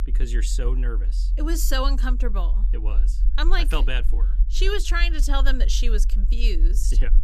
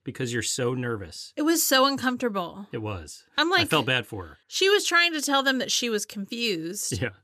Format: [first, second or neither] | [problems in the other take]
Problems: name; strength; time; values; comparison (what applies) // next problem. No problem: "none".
second | low rumble; noticeable; throughout; 20 dB below the speech